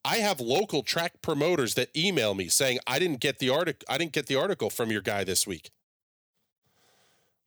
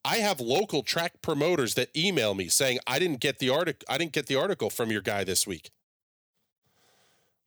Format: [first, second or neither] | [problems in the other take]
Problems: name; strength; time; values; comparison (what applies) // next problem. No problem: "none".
neither | none